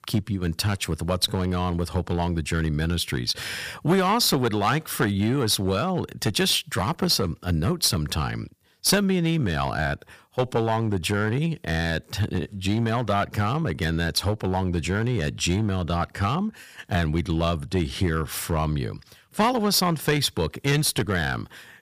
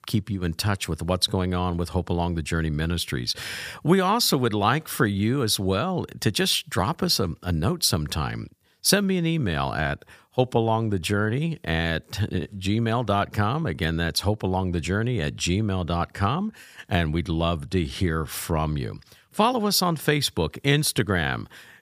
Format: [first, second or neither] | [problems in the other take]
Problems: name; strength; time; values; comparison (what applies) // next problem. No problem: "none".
second | distortion; slight; 4% of the sound clipped